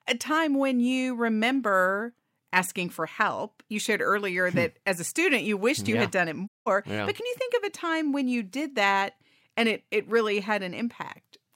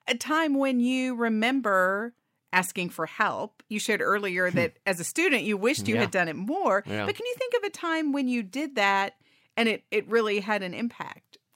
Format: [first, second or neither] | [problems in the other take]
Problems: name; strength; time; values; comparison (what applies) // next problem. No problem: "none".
second | audio cutting out; at 6.5 s